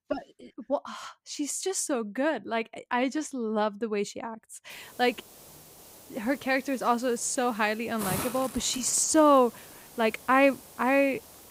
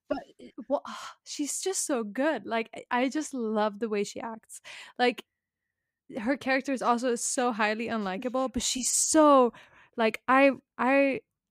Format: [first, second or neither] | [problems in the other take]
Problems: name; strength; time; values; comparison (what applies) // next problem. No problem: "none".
second | hiss; noticeable; from 4.5 s on; 15 dB below the speech